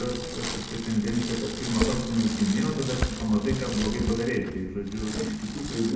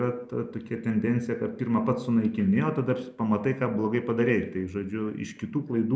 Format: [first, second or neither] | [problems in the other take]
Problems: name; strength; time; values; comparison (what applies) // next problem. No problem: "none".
second | background sound (Bicycle); 5 dB below the speech // room echo; dies away in 0.8 s